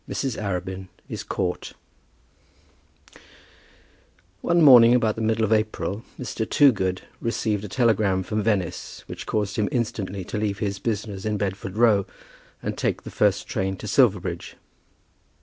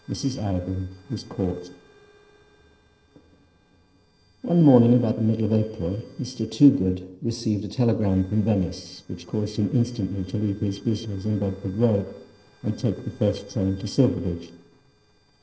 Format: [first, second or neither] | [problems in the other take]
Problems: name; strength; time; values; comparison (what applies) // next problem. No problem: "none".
first | noise reduction (neural separator model SepFormer DNS4)